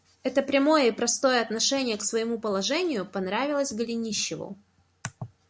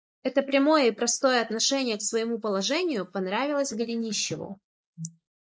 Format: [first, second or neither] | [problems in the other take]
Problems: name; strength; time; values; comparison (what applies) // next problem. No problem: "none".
first | noise reduction (neural mask model Resemble Enhance denoiser)